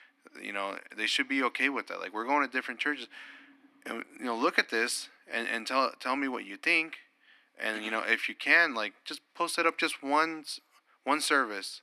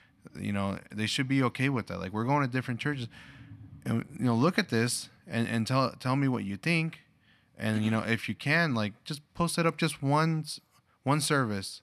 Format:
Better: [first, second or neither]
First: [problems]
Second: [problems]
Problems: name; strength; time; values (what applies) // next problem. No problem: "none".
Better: second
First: thin; somewhat; fading below 300 Hz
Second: none